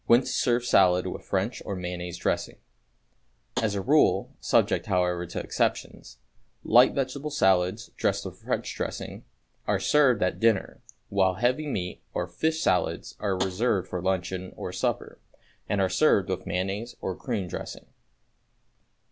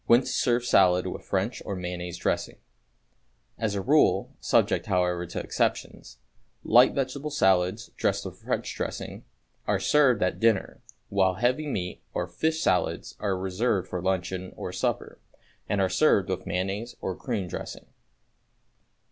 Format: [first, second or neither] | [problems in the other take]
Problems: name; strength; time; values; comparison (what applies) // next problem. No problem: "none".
second | background sound (Tap); 13 dB below the speech